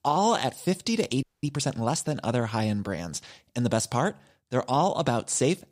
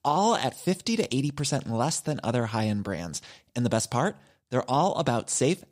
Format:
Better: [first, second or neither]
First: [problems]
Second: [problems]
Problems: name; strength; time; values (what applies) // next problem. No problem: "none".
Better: second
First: audio freezing; at 1 s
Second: none